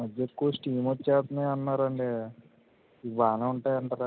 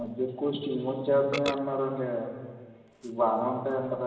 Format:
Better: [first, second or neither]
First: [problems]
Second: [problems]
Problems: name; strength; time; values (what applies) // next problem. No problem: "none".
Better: first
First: none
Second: background sound (Burping, eructation); 14 dB below the speech // room echo; dies away in 1.6 s